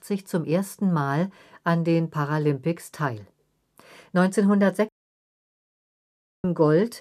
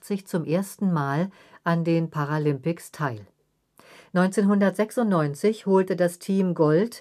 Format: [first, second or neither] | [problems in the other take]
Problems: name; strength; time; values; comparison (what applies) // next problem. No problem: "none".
second | audio cutting out; at 5 s for 1.5 s